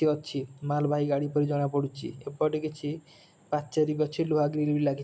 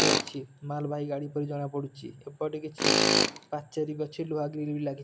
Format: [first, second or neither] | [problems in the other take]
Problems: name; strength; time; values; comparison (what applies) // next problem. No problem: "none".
first | background sound (Tools); 2 dB above the speech